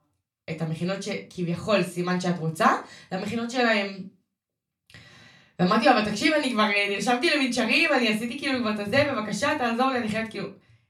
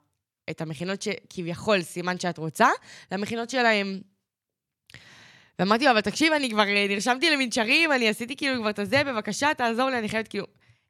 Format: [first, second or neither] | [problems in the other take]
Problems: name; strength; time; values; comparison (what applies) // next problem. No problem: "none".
second | off-mic speech; somewhat distant // room echo; very slight; dies away in 0.3 s